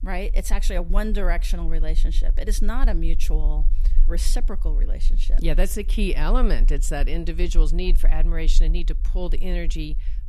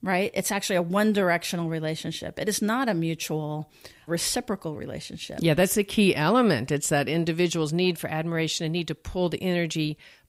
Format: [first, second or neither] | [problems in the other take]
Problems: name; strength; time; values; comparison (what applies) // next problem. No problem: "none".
second | low rumble; noticeable; throughout; 20 dB below the speech